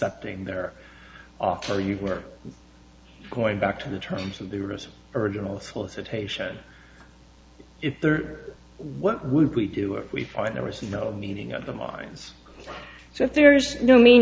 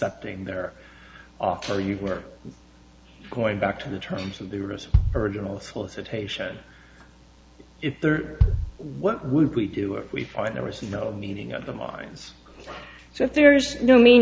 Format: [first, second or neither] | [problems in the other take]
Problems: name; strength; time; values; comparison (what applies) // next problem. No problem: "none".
first | background sound (Bass drum); 3 dB below the speech